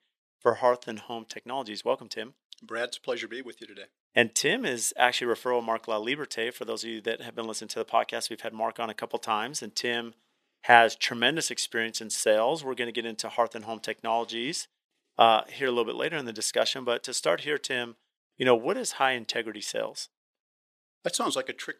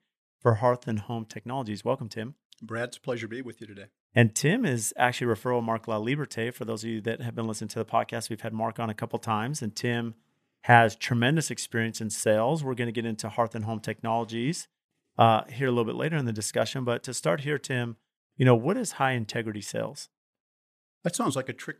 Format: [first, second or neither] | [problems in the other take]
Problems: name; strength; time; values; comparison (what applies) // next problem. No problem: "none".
second | thin; somewhat; fading below 400 Hz